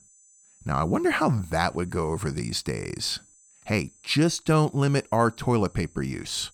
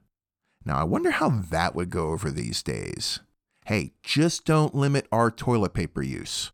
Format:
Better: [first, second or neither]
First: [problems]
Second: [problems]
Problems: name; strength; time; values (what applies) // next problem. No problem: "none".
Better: second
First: high-pitched whine; faint; throughout; 8 kHz, 30 dB below the speech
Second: none